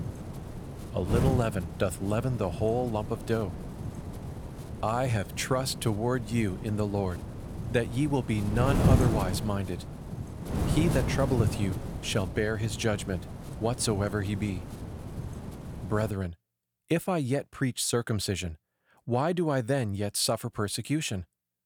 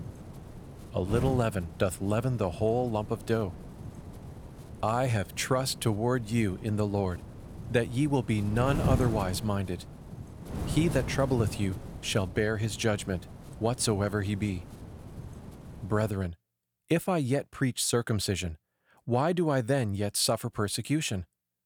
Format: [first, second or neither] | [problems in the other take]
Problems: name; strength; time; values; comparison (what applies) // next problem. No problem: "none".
second | wind noise on the microphone; heavy; until 16 s; 9 dB below the speech; occasional gusts in the second